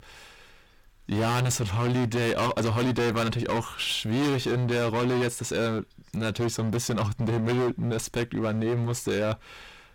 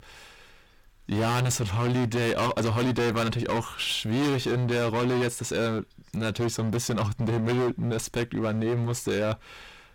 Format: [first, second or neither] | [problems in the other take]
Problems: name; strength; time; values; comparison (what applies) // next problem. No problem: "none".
neither | distortion; heavy; 24% of the sound clipped; the same in both